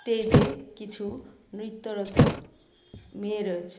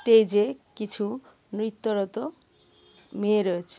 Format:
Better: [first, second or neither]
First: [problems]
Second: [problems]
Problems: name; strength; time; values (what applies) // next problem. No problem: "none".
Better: second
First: background sound (Thump, thud); 5 dB above the speech // room echo; dies away in 0.8 s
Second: none